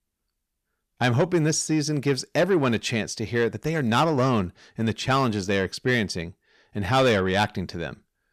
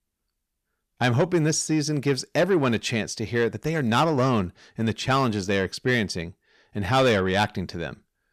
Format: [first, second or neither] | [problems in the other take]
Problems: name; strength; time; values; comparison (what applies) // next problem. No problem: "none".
neither | distortion; slight; 10 dB below the speech; the same in both